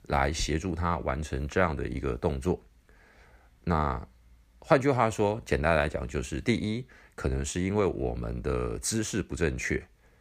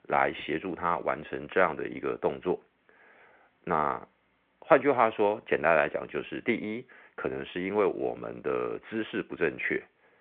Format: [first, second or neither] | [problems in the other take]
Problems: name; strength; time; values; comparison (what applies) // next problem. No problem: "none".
first | phone-call audio